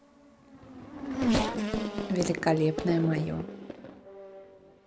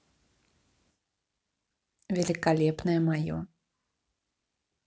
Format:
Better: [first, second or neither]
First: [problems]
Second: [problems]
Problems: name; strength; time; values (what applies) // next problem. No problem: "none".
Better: second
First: background sound (Race car, auto racing / Accelerating, revving, vroom); 2 dB below the speech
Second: none